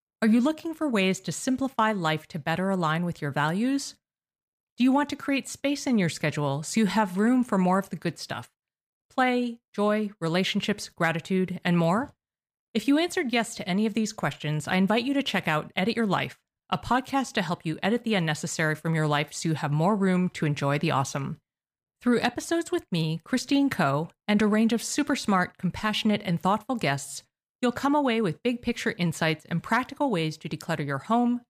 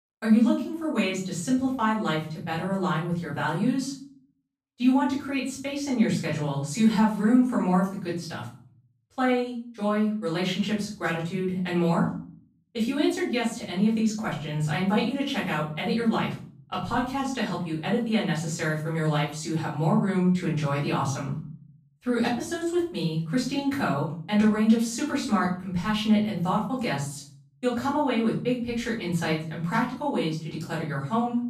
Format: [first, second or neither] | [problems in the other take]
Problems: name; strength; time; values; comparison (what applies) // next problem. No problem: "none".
first | off-mic speech; far // room echo; noticeable; dies away in 0.5 s